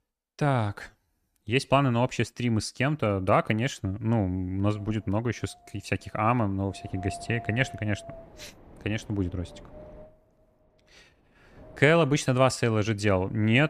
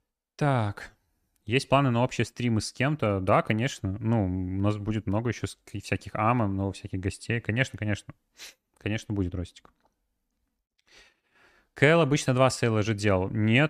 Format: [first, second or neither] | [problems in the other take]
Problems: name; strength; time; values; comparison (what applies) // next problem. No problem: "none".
second | wind noise on the microphone; occasional gusts; from 4.5 s on; 20 dB below the speech